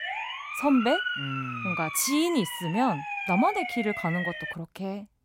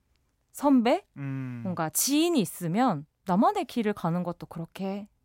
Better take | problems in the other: second | siren; noticeable; until 4.5 s; peak 1 dB below the speech

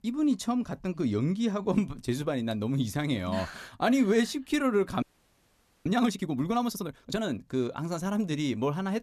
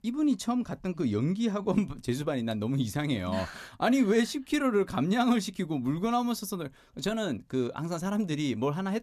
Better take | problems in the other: second | audio freezing; at 5 s for 1 s

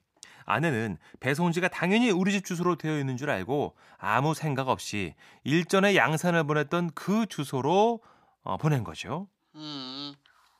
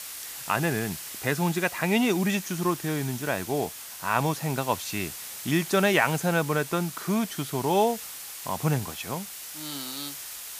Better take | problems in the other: first | hiss; loud; throughout; 9 dB below the speech

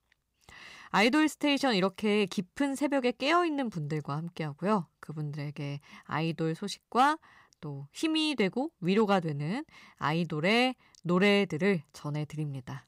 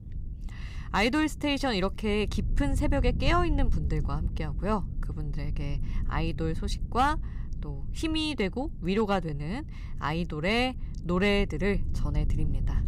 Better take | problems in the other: first | low rumble; faint; throughout; 20 dB below the speech

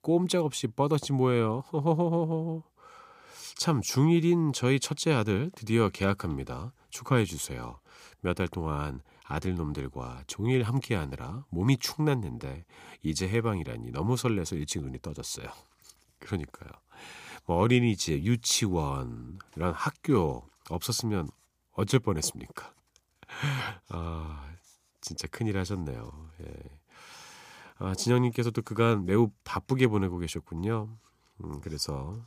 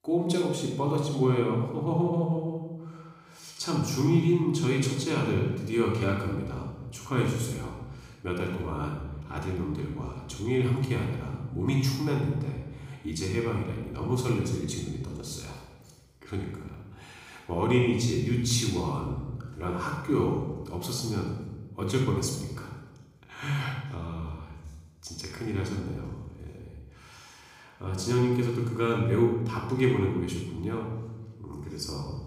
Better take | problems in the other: first | off-mic speech; far // room echo; noticeable; dies away in 1 s

